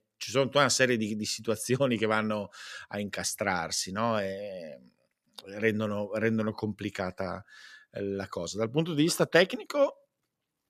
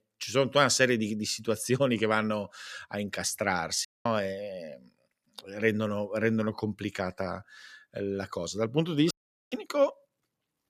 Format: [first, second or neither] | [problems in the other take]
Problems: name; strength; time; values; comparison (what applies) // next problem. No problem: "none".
first | audio cutting out; at 4 s and at 9 s